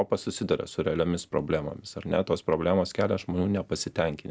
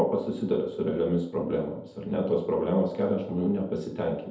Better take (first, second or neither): first